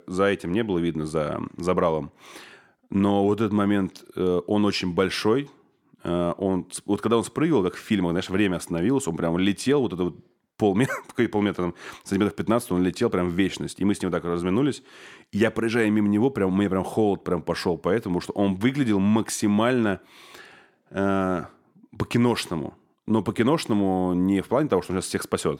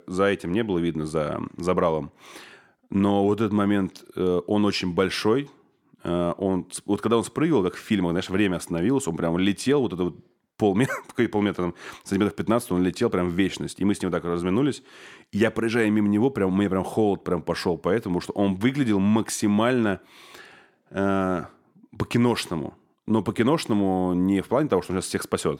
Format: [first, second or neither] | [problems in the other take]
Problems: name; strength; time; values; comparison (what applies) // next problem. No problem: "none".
neither | none